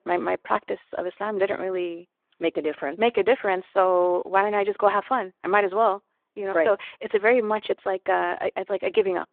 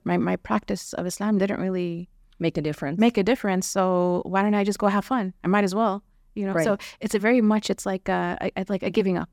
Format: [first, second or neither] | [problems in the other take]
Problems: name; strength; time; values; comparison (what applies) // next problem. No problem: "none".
second | phone-call audio